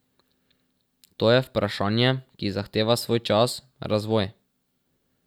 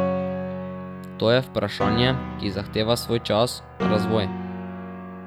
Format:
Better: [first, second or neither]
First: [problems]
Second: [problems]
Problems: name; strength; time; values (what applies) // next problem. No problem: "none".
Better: first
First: none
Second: background sound (Piano); 4 dB below the speech